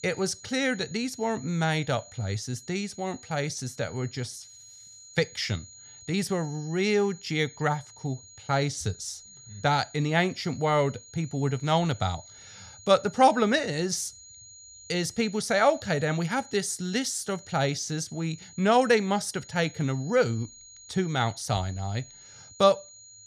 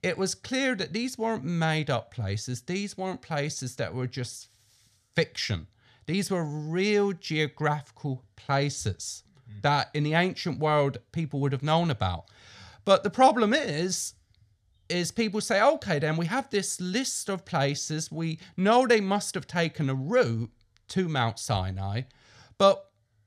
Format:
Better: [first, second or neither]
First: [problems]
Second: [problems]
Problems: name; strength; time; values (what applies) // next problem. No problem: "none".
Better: second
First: high-pitched whine; noticeable; throughout; 7 kHz, 20 dB below the speech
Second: none